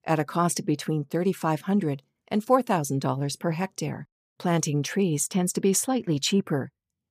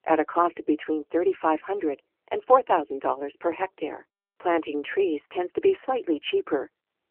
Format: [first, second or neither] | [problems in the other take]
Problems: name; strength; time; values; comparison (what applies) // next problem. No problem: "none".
first | phone-call audio; nothing above 3 kHz